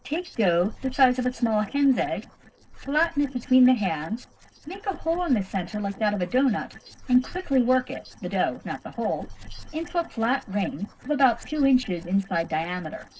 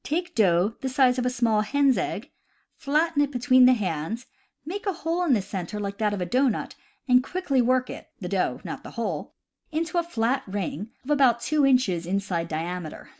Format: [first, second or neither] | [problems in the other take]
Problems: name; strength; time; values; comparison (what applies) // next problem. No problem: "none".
second | noise reduction (neural separator model SepFormer DNS4)